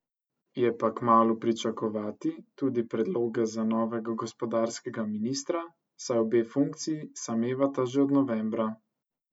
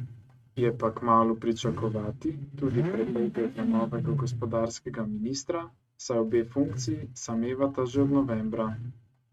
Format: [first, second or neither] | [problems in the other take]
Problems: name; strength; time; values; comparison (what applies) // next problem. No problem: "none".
first | noise reduction (neural mask model RNNoise)